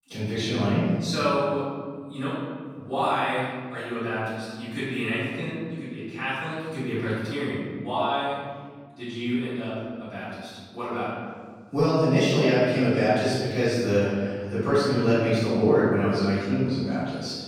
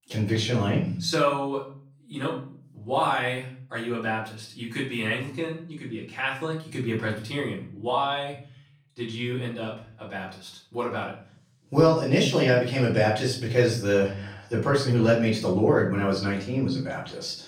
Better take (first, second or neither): second